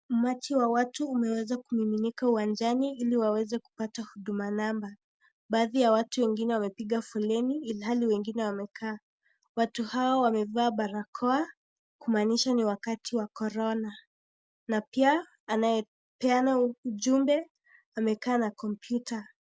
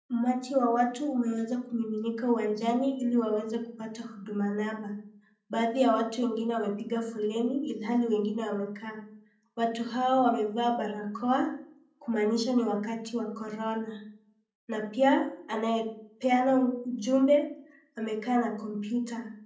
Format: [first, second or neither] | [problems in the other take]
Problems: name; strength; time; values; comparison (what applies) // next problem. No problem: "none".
first | room echo; dies away in 0.6 s